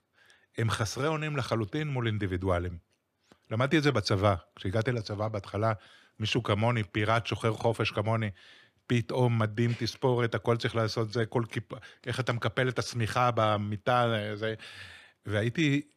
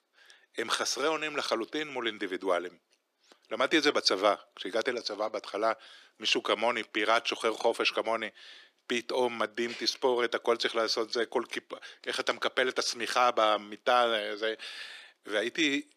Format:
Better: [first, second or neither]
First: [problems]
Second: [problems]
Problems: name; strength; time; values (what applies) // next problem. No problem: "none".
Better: first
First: none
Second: thin; somewhat; fading below 300 Hz